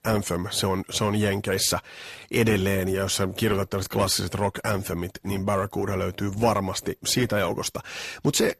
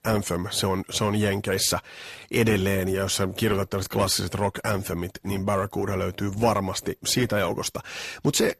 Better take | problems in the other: neither | none

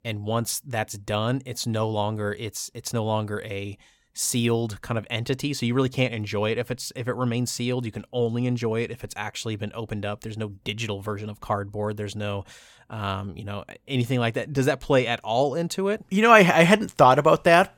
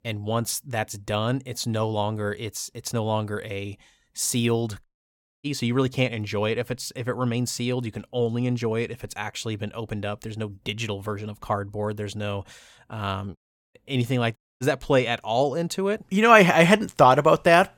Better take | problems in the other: first | audio cutting out; at 5 s for 0.5 s, at 13 s and at 14 s

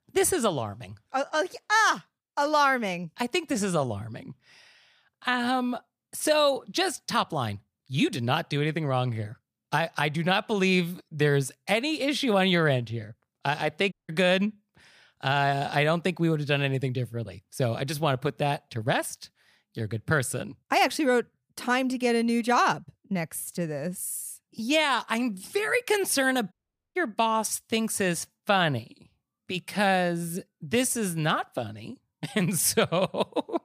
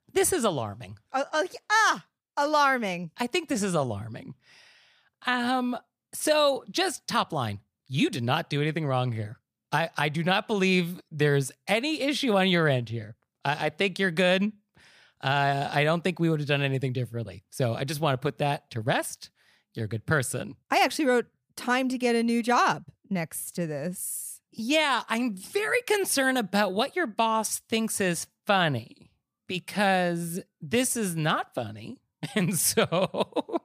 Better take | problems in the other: second | audio cutting out; at 14 s and at 27 s

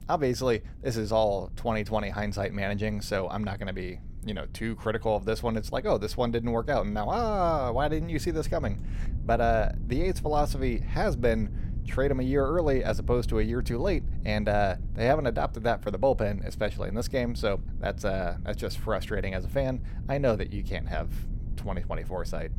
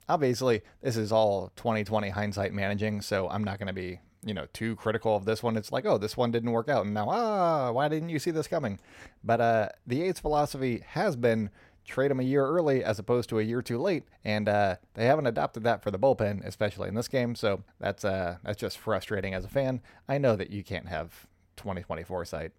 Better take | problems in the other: second | low rumble; faint; throughout; 20 dB below the speech

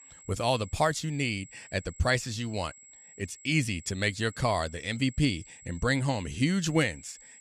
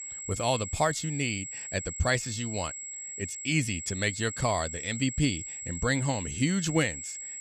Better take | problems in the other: first | high-pitched whine; loud; throughout; 7.5 kHz, 7 dB below the speech; faint in the first

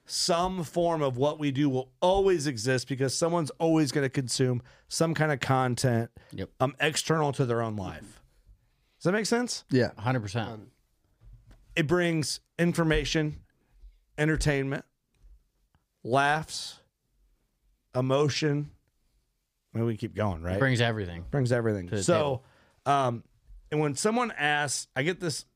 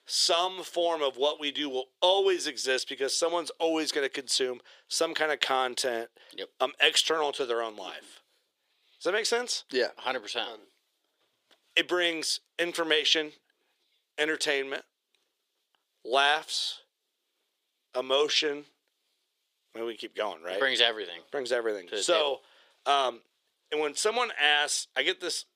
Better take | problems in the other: first | thin; very; fading below 400 Hz

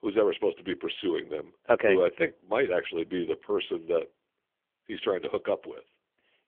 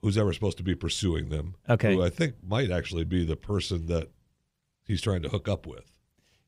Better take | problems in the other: second | phone-call audio; poor line; nothing above 3.5 kHz

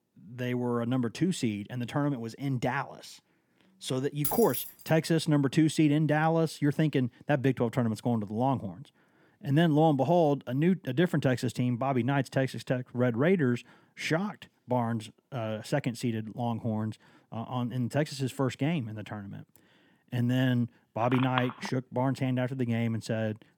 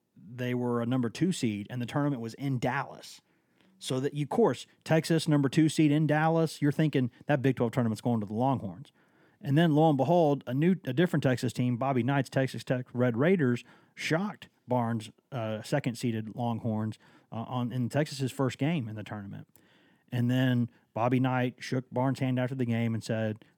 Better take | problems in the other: second | jangling keys; noticeable; at 4 s; peak 1 dB below the speech // phone ringing; noticeable; at 21 s; peak 5 dB below the speech

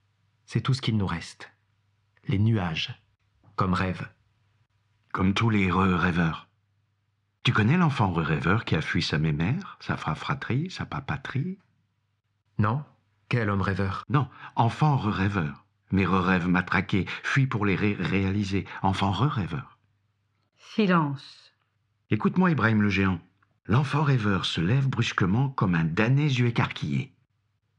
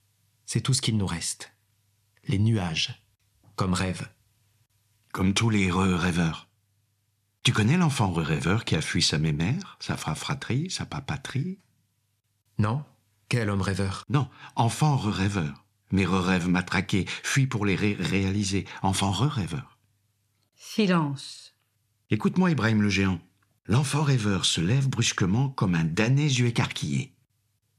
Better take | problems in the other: second | muffled; slightly; fading above 3 kHz

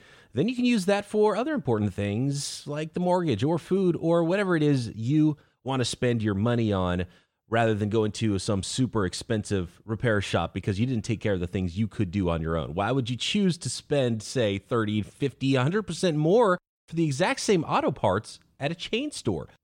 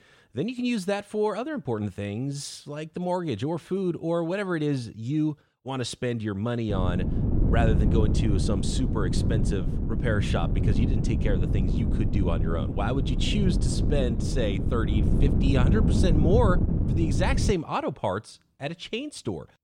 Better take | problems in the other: first | wind noise on the microphone; heavy; from 6.5 to 18 s; 5 dB below the speech

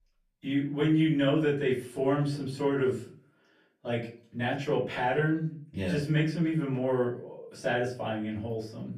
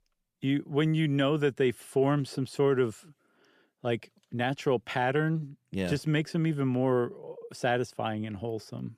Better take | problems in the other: second | off-mic speech; far // room echo; slight; dies away in 0.3 s

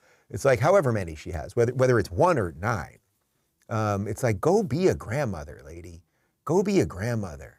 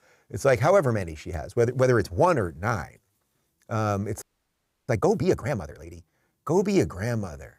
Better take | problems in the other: first | audio freezing; at 4 s for 0.5 s

